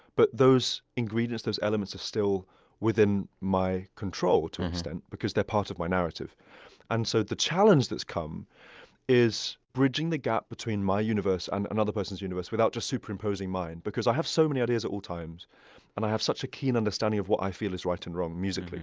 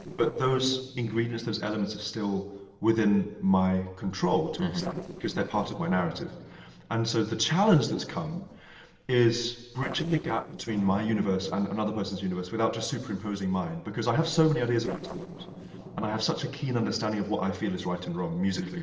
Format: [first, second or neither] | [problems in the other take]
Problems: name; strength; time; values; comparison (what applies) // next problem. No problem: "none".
first | noise reduction (neural separator model SepFormer DNS4)